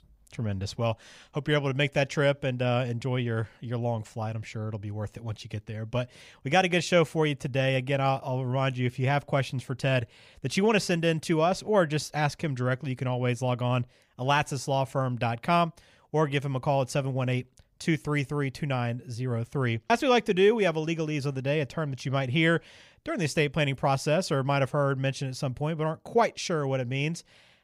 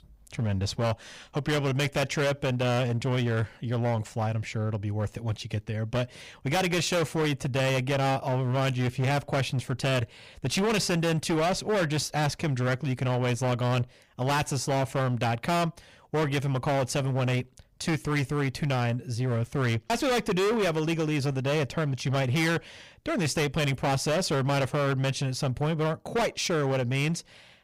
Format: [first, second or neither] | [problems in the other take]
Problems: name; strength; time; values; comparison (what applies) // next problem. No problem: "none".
first | distortion; heavy; 22% of the sound clipped